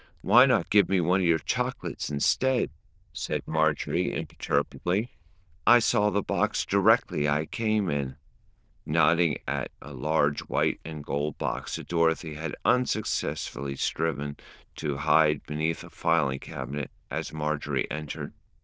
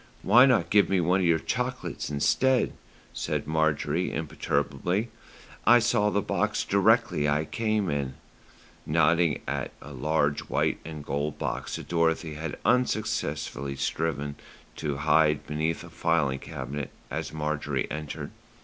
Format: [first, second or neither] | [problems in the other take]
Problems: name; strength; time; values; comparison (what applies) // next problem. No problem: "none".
second | noise reduction (neural diffusion model UNIVERSE++)